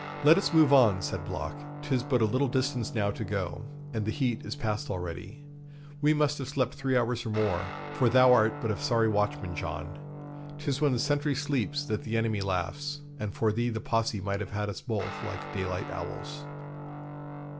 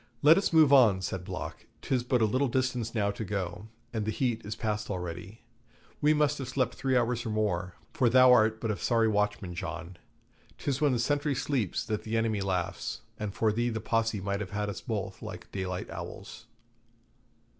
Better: second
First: background sound (Guitar); 11 dB below the speech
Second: none

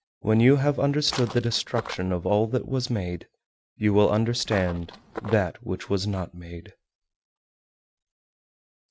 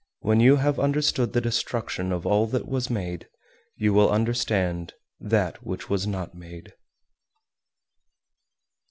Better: second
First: noise reduction (neural mask model RNNoise)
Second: none

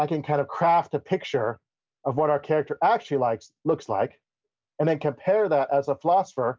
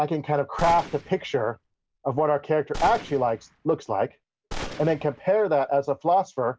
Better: first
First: none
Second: background sound (Gunshot, gunfire); 13 dB below the speech

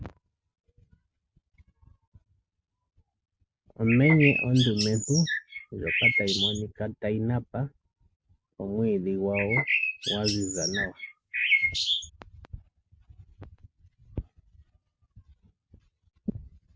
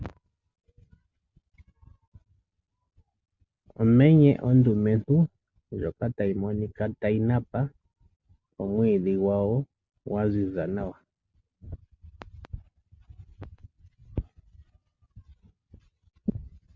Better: second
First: background sound (Bird); 2 dB above the speech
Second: none

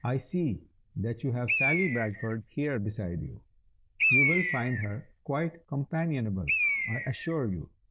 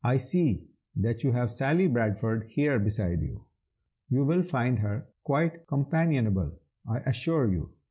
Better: second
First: noise reduction (neural diffusion model UNIVERSE++)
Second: none

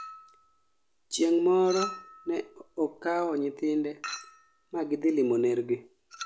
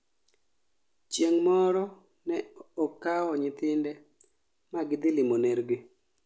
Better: second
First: background sound (Chink, clink); 15 dB below the speech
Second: none

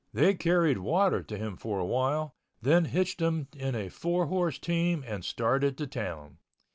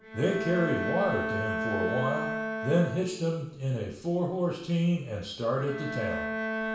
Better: first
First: none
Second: background sound (Bowed string instrument); 5 dB below the speech // room echo; dies away in 0.7 s

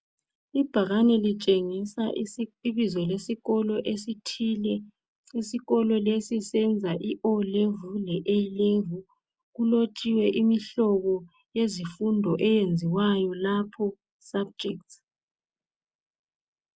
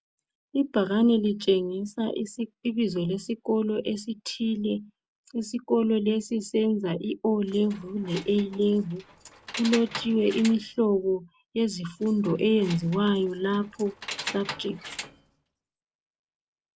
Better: first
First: none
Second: background sound (Keys jangling); 14 dB below the speech

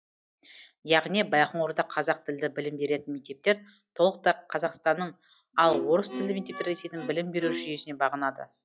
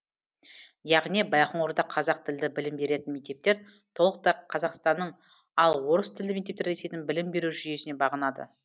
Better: second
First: noise reduction (classical method log-MMSE)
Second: none

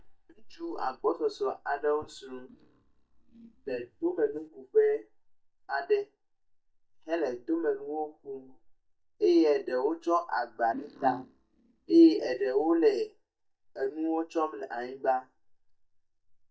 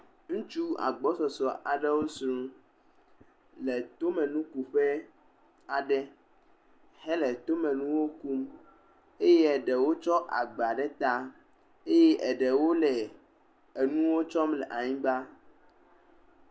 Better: second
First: noise reduction (neural mask model DeepFilterNet 3)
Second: none

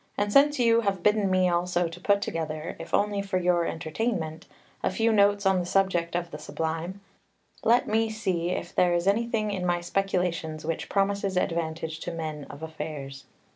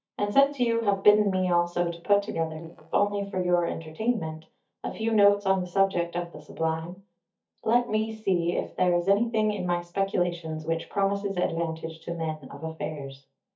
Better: first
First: none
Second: noise reduction (neural mask model DeepFilterNet 3)

